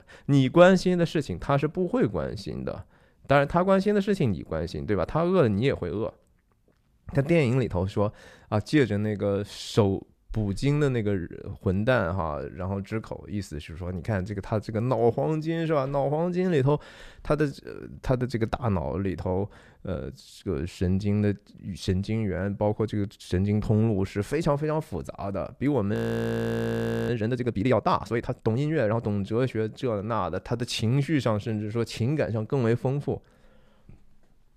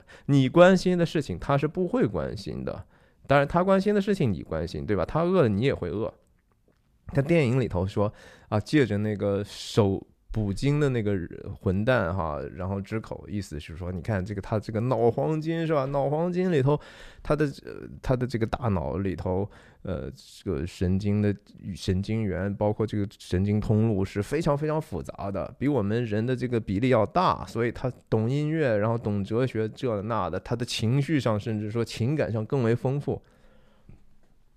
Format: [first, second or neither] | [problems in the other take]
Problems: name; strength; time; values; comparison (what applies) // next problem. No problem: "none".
second | audio freezing; at 26 s for 1 s